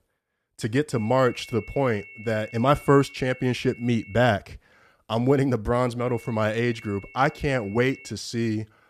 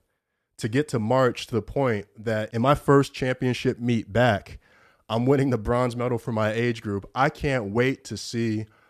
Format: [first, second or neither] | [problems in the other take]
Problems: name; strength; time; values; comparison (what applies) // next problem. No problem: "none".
second | high-pitched whine; noticeable; from 1 to 4.5 s and from 6 to 8 s; 2 kHz, 20 dB below the speech